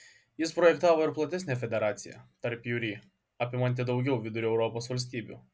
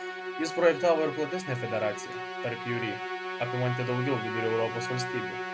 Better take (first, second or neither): first